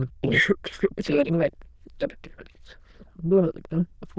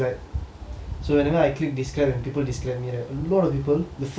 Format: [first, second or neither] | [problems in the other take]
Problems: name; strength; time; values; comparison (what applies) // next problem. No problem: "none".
second | noise reduction (neural diffusion model UNIVERSE++)